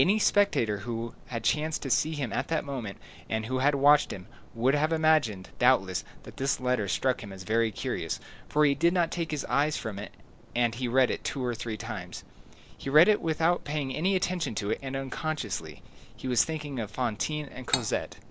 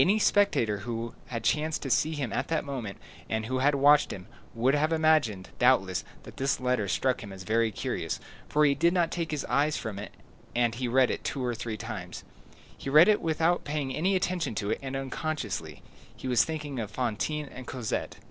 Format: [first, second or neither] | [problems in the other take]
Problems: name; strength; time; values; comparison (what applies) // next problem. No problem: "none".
second | background sound (Cutlery, silverware); 5 dB below the speech